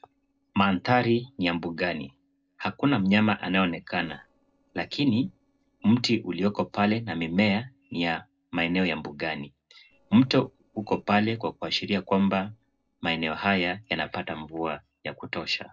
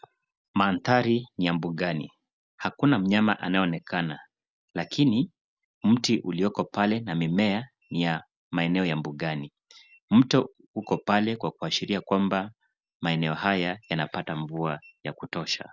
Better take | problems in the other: second | noise reduction (neural separator model SepFormer DNS4)

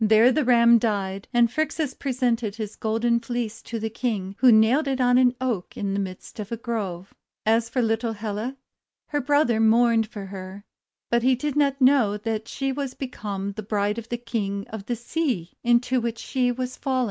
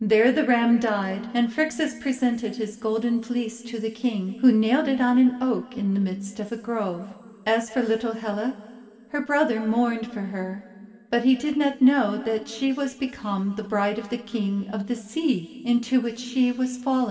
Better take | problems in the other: first | room echo; dies away in 2.8 s

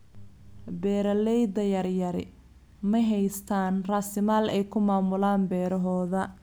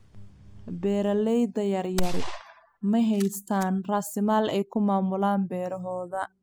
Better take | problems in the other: first | noise reduction (classical method spectral subtraction)

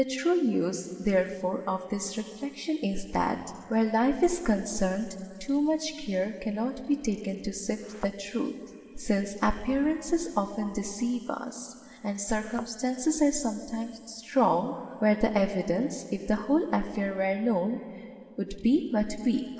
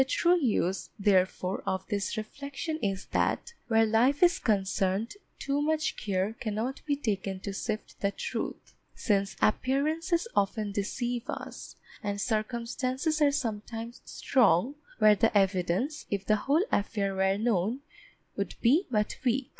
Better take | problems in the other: second | background sound (Thump, thud); 17 dB below the speech // room echo; dies away in 2.7 s

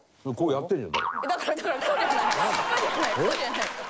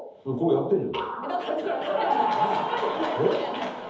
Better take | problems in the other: first | room echo; dies away in 0.8 s

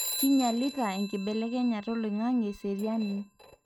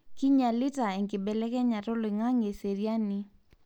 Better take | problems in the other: second | noise reduction (neural mask model RNNoise)

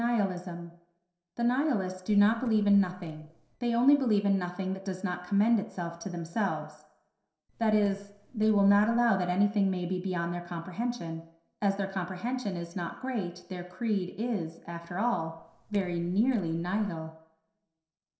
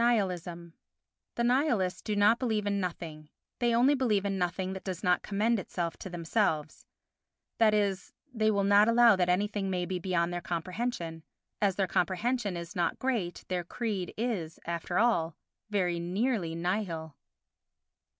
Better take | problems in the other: second | noise reduction (neural separator model SepFormer DNS4)

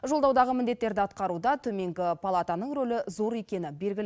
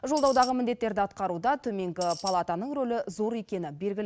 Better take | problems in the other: first | background sound (Tambourine); 10 dB below the speech

